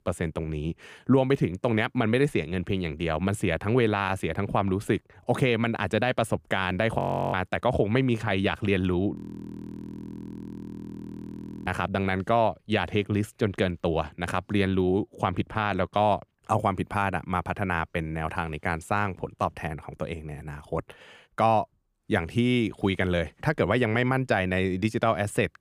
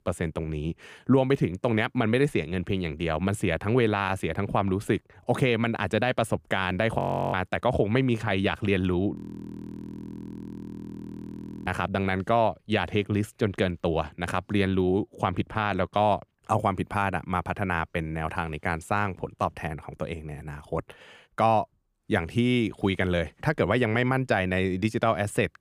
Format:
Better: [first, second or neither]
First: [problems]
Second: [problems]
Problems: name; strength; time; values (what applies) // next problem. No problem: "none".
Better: neither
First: audio freezing; at 7 s and at 9 s for 2.5 s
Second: audio freezing; at 7 s and at 9 s for 2.5 s